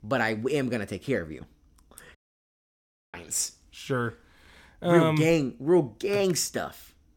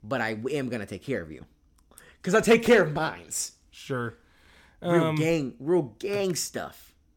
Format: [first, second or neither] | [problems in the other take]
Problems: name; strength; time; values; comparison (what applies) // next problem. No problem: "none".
second | audio cutting out; at 2 s for 1 s